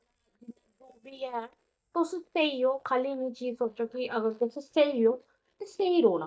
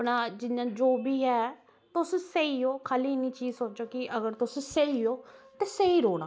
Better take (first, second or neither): second